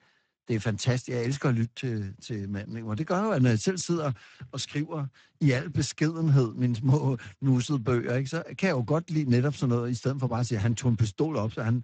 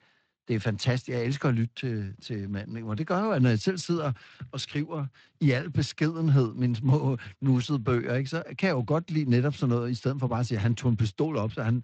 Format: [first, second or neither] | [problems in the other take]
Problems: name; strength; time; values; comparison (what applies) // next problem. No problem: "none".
second | garbled, watery; badly; nothing above 8 kHz; slightly in the second